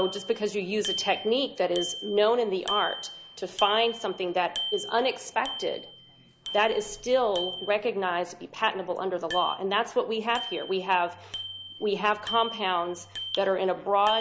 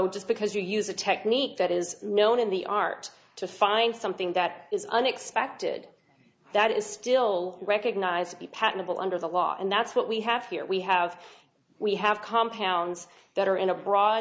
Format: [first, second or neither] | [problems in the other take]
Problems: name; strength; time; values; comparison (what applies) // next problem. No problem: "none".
second | background sound (Bicycle bell); 11 dB below the speech